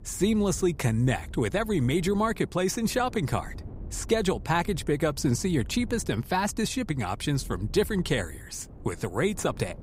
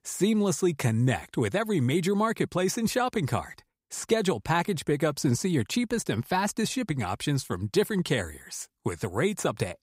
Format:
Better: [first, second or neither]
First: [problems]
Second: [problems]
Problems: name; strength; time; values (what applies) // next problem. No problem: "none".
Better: second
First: wind noise on the microphone; occasional gusts; 25 dB below the speech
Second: none